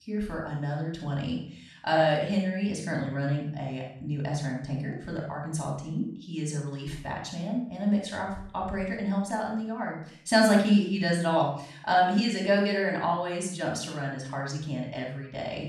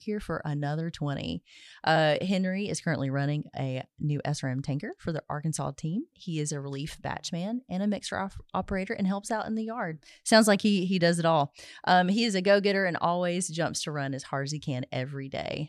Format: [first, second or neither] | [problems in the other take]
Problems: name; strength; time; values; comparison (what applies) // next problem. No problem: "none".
second | off-mic speech; far // room echo; noticeable; dies away in 0.5 s